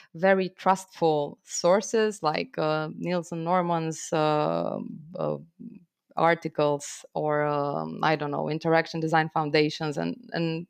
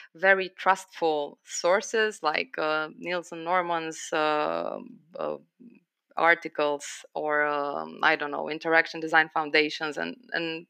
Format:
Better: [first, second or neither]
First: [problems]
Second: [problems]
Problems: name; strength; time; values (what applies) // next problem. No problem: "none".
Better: first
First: none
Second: thin; somewhat; fading below 250 Hz